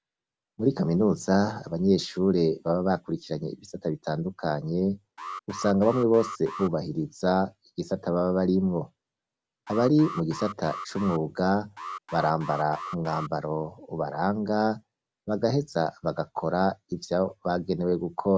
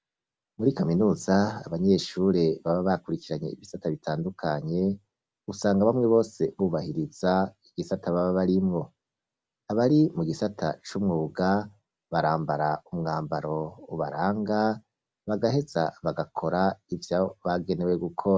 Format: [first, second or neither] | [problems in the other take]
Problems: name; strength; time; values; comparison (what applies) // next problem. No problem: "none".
second | background sound (Alarm); 12 dB below the speech